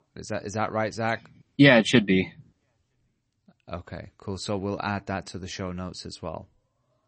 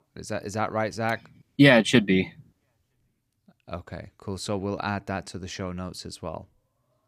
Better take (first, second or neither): second